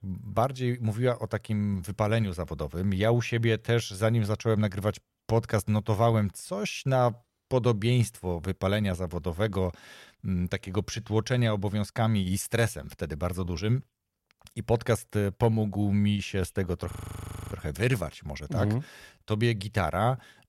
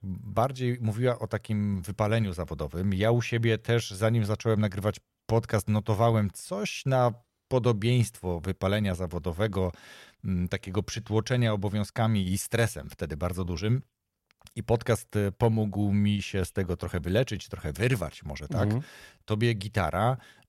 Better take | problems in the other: second | audio freezing; at 17 s for 0.5 s

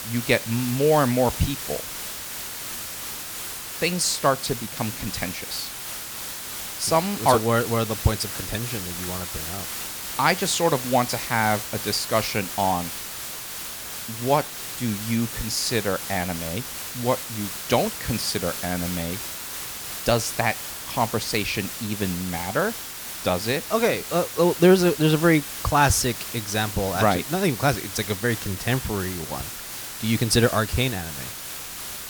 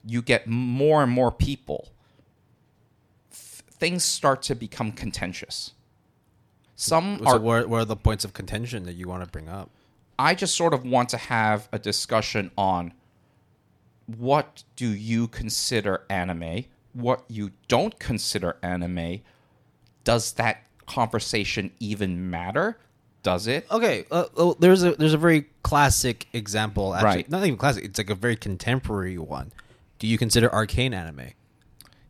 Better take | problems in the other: second | hiss; loud; throughout; 7 dB below the speech

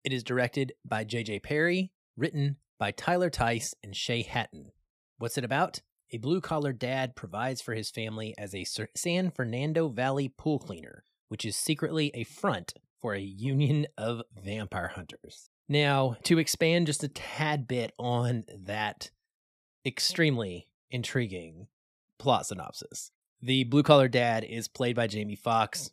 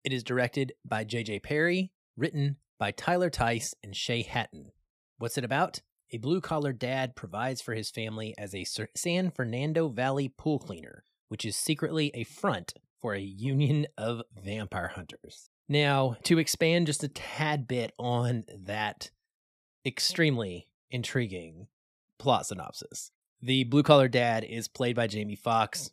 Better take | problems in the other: neither | none

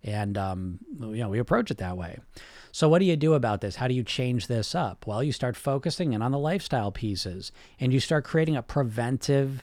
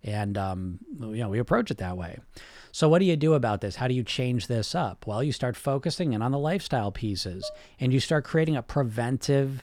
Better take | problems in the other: first | clattering dishes; faint; at 7.5 s; peak 15 dB below the speech

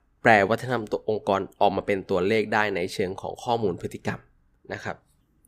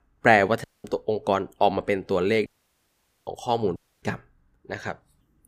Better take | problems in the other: first | audio cutting out; at 0.5 s, at 2.5 s for 1 s and at 4 s

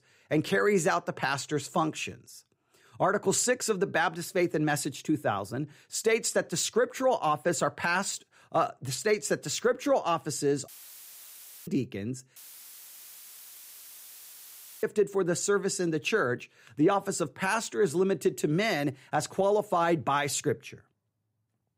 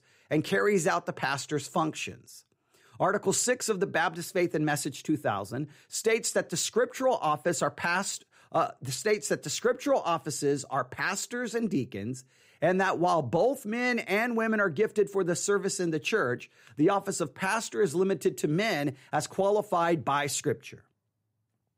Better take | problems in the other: second | audio cutting out; filled with static; at 11 s for 1 s and at 12 s for 2.5 s

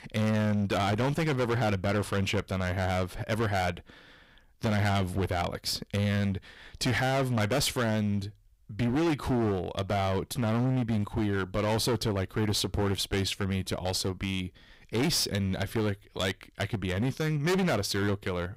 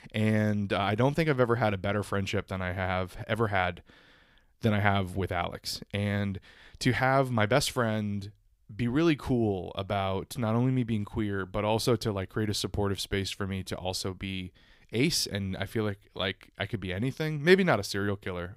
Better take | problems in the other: second | distortion; heavy; 17% of the sound clipped

